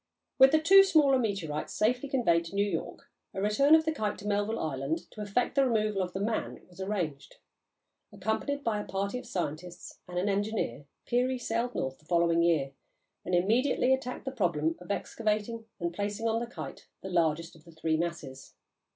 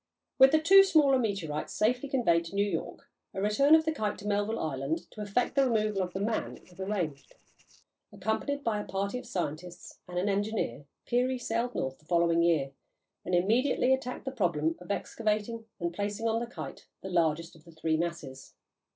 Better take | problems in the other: first | noise reduction (neural separator model SepFormer DNS4)

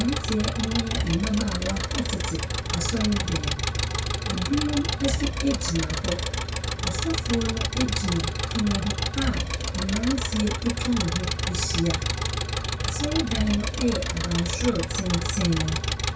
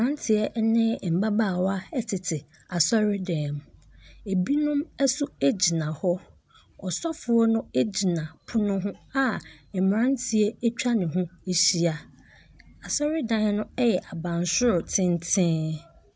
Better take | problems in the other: second | background sound (Engine); 1 dB above the speech // room echo; dies away in 0.2 s

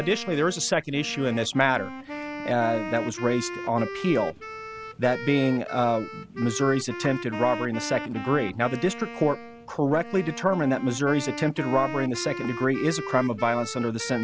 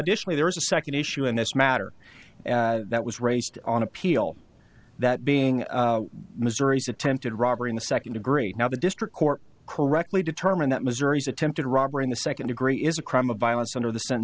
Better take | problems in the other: second | background sound (Wind instrument, woodwind instrument); 10 dB below the speech

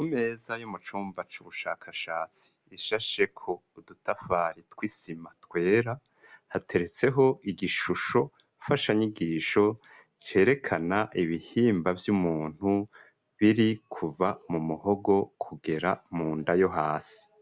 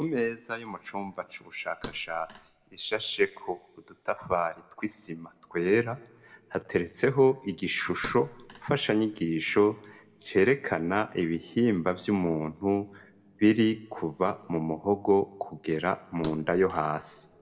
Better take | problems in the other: first | background sound (Thump, thud); 19 dB below the speech // room echo; dies away in 1.4 s

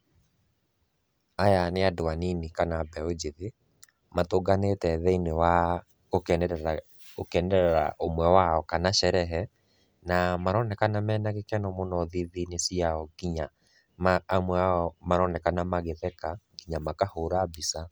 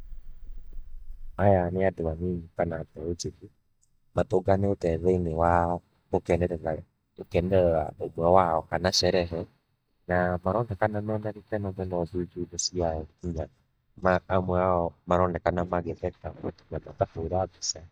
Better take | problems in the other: first | noise reduction (neural mask model DeepFilterNet 3)

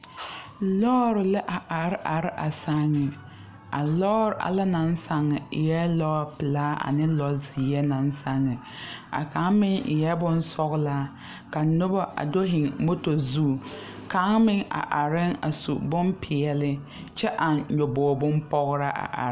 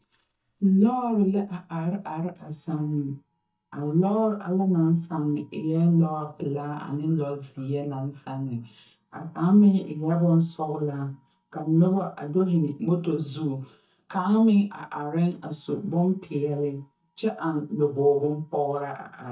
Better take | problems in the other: first | noise reduction (neural mask model DeepFilterNet 3)

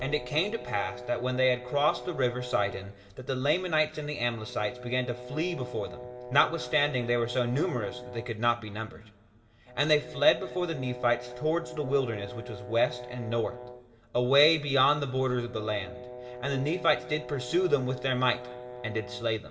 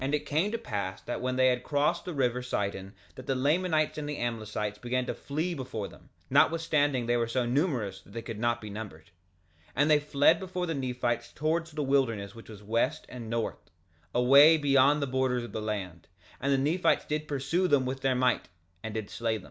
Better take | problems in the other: second | background sound (Brass instrument); 14 dB below the speech // room echo; dies away in 2.5 s

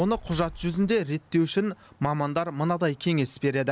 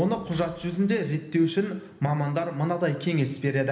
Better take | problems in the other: first | room echo; dies away in 1.1 s

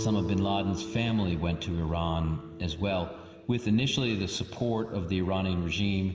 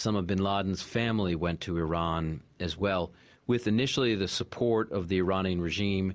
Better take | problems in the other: second | background sound (Guitar); 13 dB below the speech // room echo; dies away in 2 s

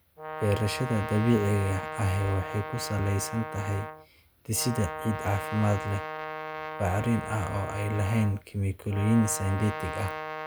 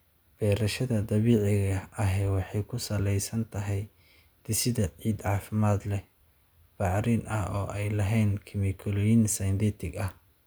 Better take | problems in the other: second | background sound (Brass instrument); 8 dB below the speech

